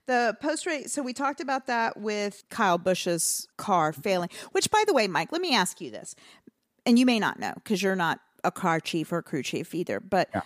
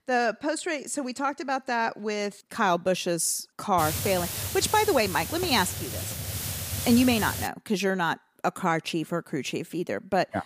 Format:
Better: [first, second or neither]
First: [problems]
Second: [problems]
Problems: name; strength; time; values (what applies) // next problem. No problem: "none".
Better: first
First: none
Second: hiss; loud; from 4 to 7.5 s; 5 dB below the speech